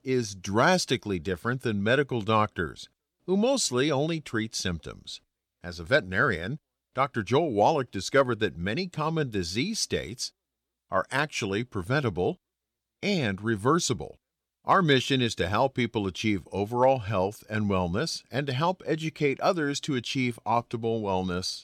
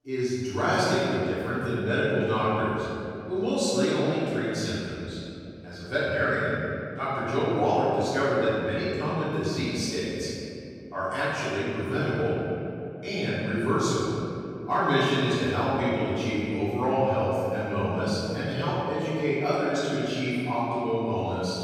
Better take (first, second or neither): first